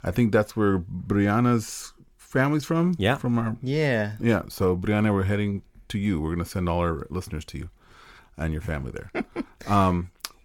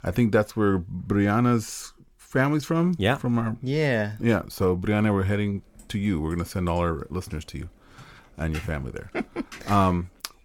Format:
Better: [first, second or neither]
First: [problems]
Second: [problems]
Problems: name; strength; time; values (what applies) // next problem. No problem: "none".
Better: first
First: none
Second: keyboard typing; faint; from 6 to 10 s; peak 15 dB below the speech